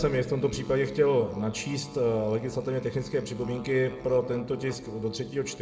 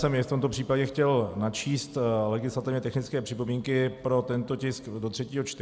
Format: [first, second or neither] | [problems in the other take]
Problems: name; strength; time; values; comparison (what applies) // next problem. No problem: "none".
second | background sound (Musical instrument); 15 dB below the speech // room echo; dies away in 0.8 s